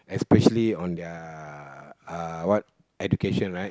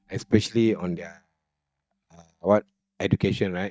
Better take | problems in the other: first | noise reduction (neural mask model DeepFilterNet 3)

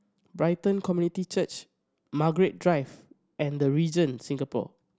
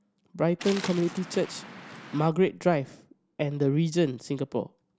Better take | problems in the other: first | background sound (Waves, surf); 15 dB below the speech

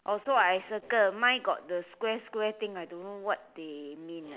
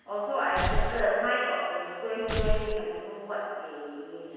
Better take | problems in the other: first | background sound (Tearing); 1 dB above the speech // room echo; dies away in 1.9 s

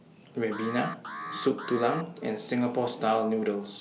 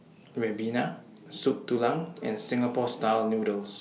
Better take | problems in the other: second | background sound (Alarm); 9 dB below the speech

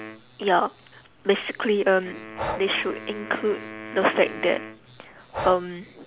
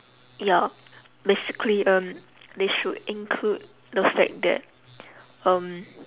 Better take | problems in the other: second | background sound (Breathing + Wind instrument, woodwind instrument); 11 dB below the speech

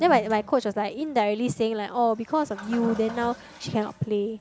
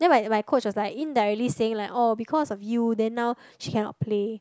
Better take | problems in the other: second | background sound (Toilet flush); 17 dB below the speech

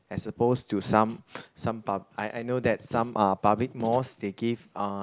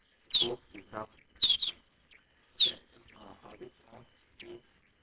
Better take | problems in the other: first | noise reduction (neural separator model SepFormer WHAMR!)

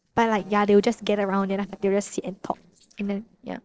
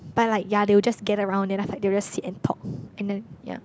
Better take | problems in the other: second | noise reduction (neural separator model SepFormer DNS4)

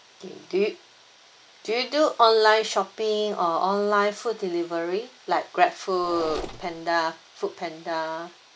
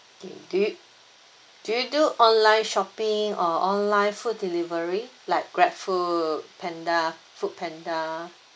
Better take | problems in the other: second | background sound (Mechanisms); 12 dB below the speech

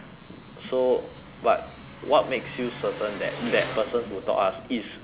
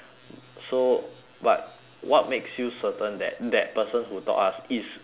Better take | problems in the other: second | background sound (Engine); 13 dB below the speech

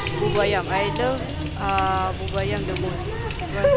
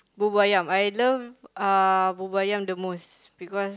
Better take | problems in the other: second | background sound (Water tap, faucet); 1 dB above the speech

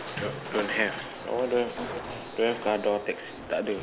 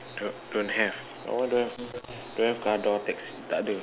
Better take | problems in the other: second | background sound (Crushing); 10 dB below the speech

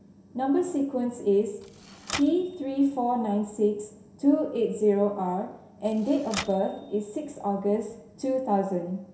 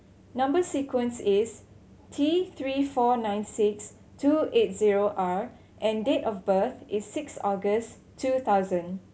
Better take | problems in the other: second | background sound (Typewriter); 16 dB below the speech // room echo; dies away in 0.7 s

